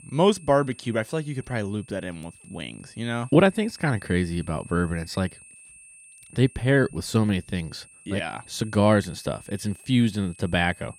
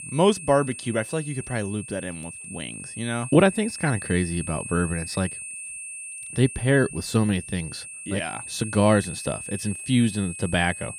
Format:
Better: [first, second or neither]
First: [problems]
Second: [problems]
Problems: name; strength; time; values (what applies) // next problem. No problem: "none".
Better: first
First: high-pitched whine; faint; throughout; 8.5 kHz, 20 dB below the speech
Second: high-pitched whine; loud; throughout; 8.5 kHz, 10 dB below the speech